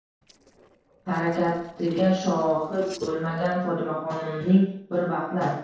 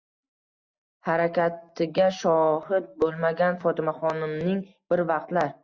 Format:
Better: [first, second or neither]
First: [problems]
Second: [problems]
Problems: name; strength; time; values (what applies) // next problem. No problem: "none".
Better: second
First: noise reduction (neural separator model SepFormer DNS4)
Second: none